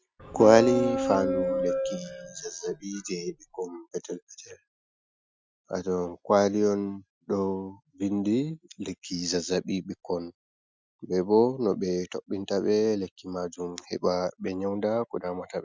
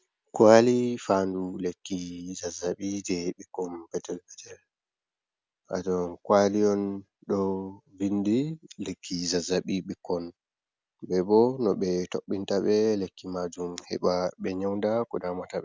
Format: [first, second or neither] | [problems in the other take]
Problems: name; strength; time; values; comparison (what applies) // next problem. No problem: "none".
second | noise reduction (classical method Wiener filter)